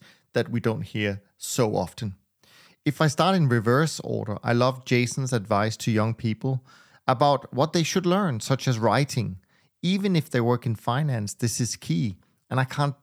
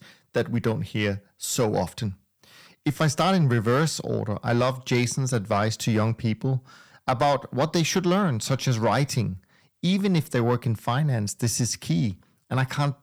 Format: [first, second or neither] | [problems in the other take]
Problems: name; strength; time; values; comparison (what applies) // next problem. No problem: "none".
first | distortion; slight; 10 dB below the speech